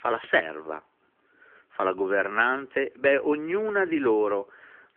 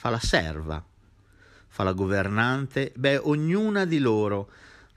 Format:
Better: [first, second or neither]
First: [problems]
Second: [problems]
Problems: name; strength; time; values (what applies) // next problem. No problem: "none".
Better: second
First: phone-call audio; nothing above 3 kHz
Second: none